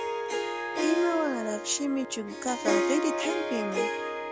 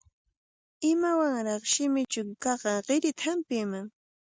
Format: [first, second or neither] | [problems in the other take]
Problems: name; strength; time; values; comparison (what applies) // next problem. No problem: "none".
second | background sound (Harp); 1 dB above the speech